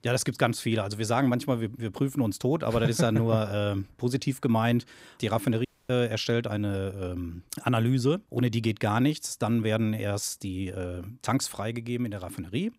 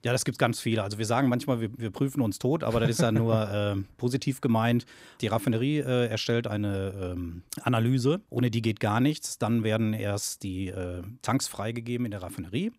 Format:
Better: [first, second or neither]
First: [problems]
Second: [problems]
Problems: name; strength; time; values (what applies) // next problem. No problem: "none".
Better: second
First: audio cutting out; at 5.5 s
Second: none